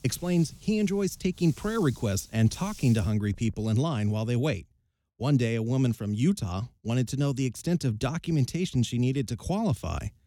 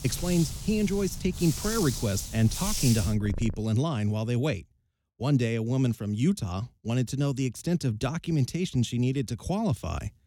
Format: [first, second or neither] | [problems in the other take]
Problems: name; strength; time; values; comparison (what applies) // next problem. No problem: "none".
first | animal sounds; loud; until 3.5 s; 6 dB below the speech; faint in the first